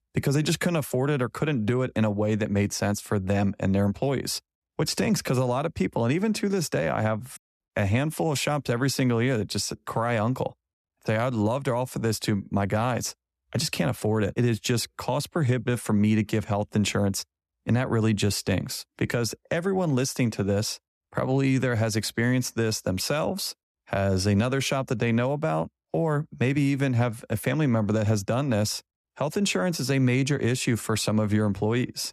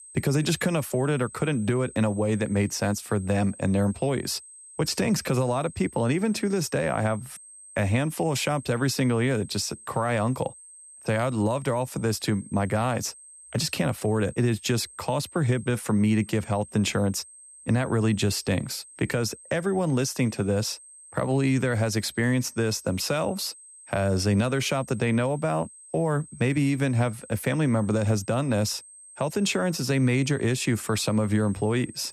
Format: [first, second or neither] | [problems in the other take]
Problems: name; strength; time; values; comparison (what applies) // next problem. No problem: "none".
first | high-pitched whine; noticeable; throughout; 8.5 kHz, 20 dB below the speech